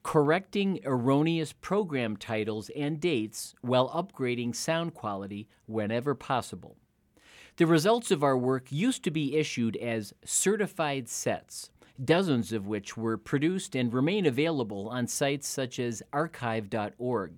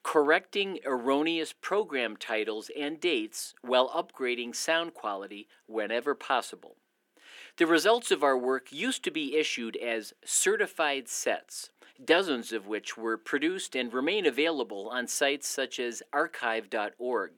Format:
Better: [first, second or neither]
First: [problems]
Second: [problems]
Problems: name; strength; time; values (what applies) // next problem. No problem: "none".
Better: first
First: none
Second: thin; somewhat; fading below 300 Hz